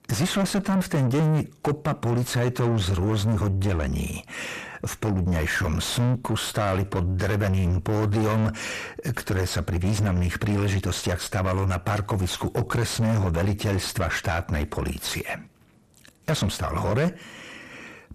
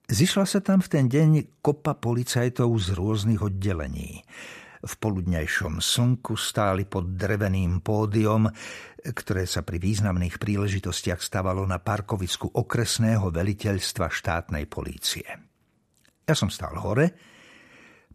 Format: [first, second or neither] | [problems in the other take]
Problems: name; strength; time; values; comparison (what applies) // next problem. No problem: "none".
second | distortion; heavy; 6 dB below the speech